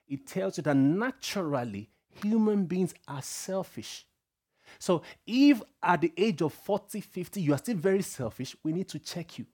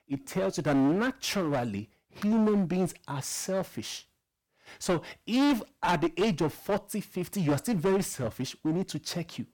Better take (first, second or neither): first